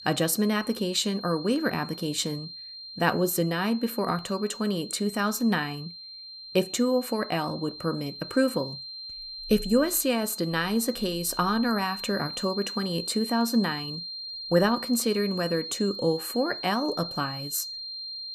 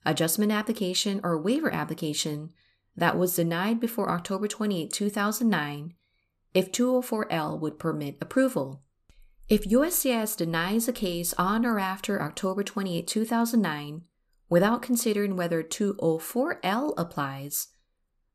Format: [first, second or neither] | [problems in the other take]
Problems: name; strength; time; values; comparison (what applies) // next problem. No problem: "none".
second | high-pitched whine; loud; throughout; 4 kHz, 9 dB below the speech